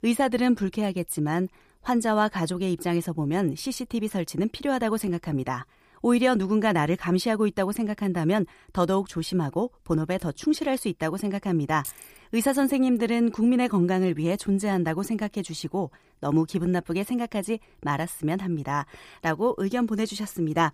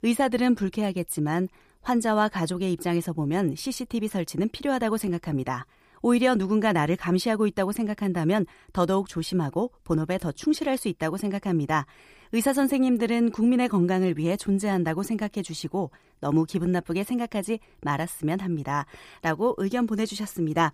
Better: second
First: jangling keys; faint; at 12 s; peak 10 dB below the speech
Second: none

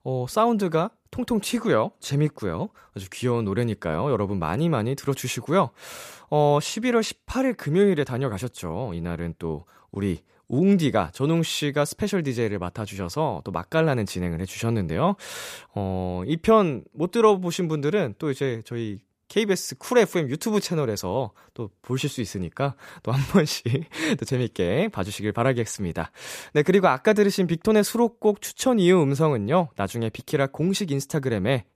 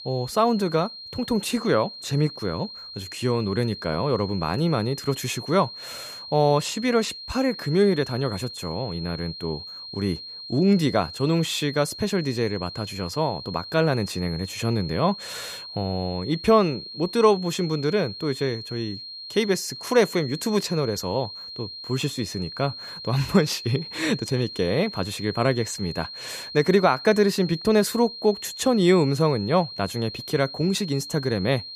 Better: first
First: none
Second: high-pitched whine; noticeable; throughout; 4 kHz, 10 dB below the speech

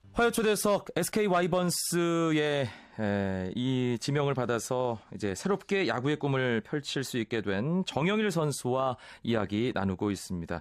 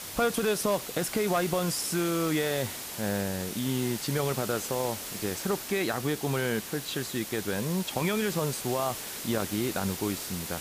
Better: first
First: none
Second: hiss; loud; throughout; 6 dB below the speech

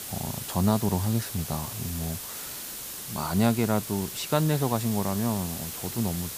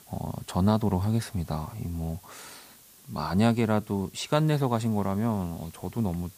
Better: second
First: hiss; loud; throughout; 6 dB below the speech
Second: hiss; faint; throughout; 25 dB below the speech

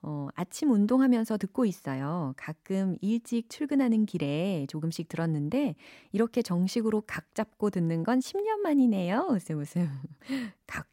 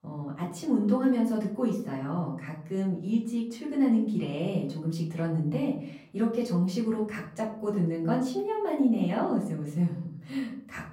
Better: first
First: none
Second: off-mic speech; far // room echo; slight; dies away in 0.5 s

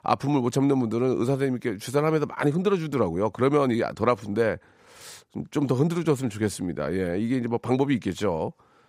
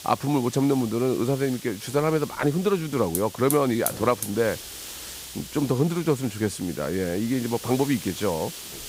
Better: first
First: none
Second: hiss; noticeable; throughout; 10 dB below the speech

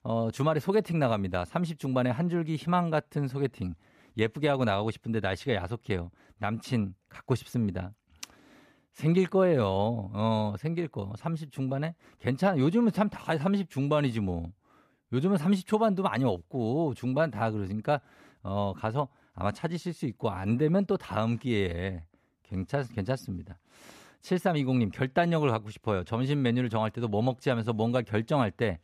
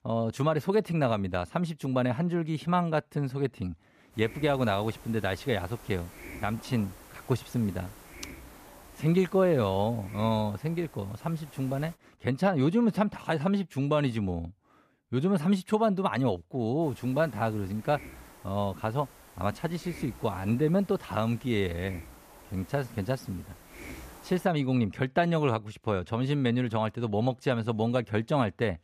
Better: first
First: none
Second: hiss; noticeable; from 4 to 12 s and from 17 to 24 s; 20 dB below the speech

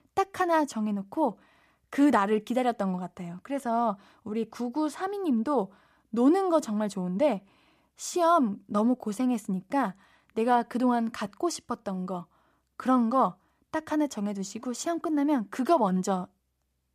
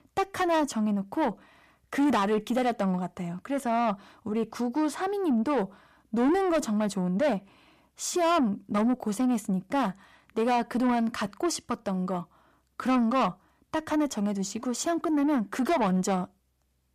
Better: first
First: none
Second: distortion; slight; 10 dB below the speech

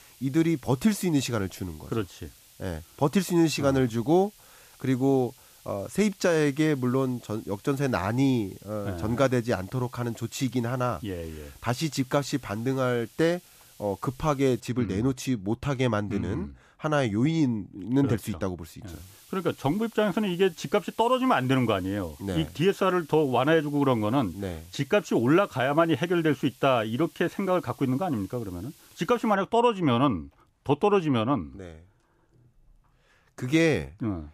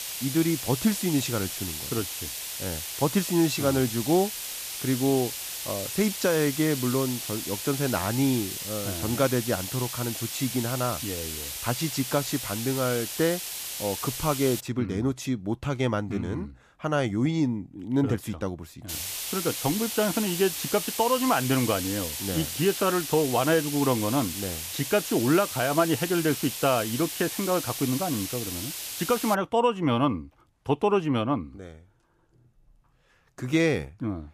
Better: first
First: hiss; faint; until 15 s and from 19 to 29 s; 25 dB below the speech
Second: hiss; loud; until 15 s and from 19 to 29 s; 5 dB below the speech

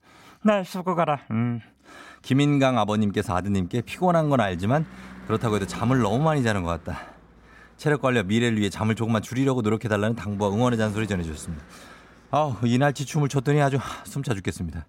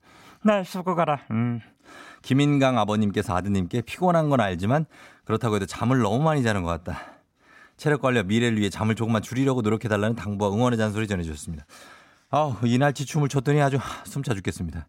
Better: second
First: traffic noise; faint; throughout; 20 dB below the speech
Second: none

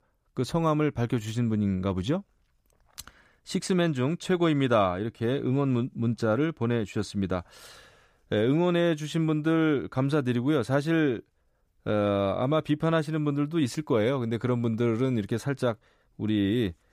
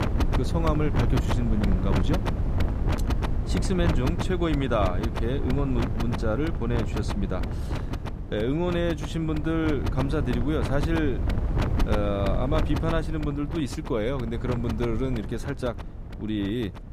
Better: first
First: none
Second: wind noise on the microphone; heavy; 5 dB below the speech

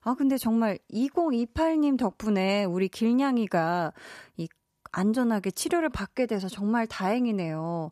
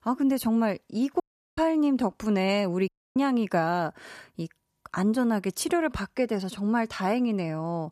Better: first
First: none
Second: audio cutting out; at 1 s and at 3 s

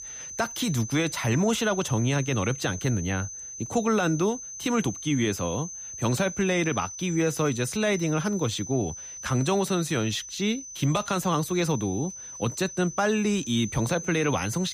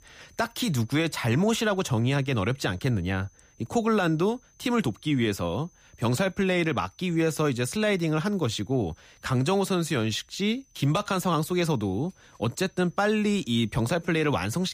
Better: second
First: high-pitched whine; loud; throughout; 6 kHz, 10 dB below the speech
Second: high-pitched whine; faint; throughout; 6 kHz, 35 dB below the speech

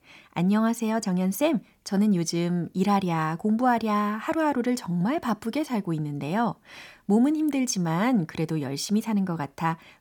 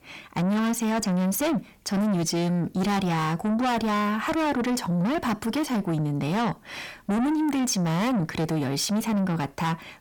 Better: first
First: none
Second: distortion; heavy; 7 dB below the speech

